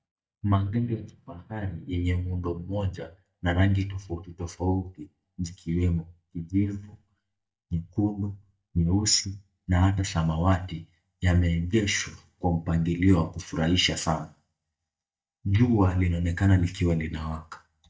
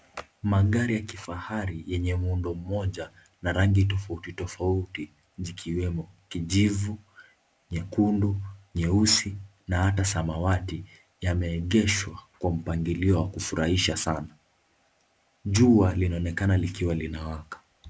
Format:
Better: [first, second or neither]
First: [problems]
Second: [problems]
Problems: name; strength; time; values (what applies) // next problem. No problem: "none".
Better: second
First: noise reduction (neural mask model DeepFilterNet 3)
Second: none